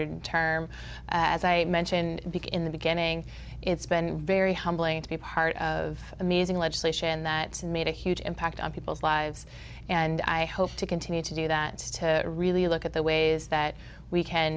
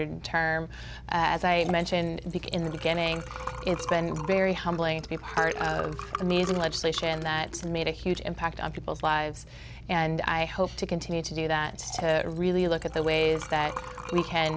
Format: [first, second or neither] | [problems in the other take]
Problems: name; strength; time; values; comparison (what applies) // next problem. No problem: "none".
first | background sound (Liquid); 13 dB below the speech